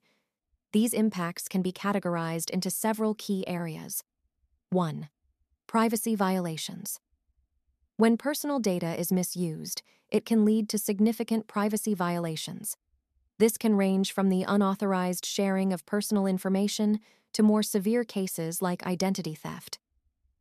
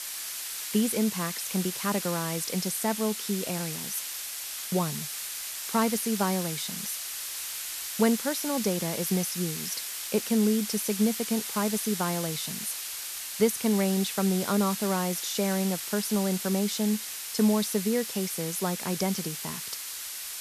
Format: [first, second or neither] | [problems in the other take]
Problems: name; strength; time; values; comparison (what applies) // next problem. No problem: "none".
first | hiss; loud; throughout; 4 dB below the speech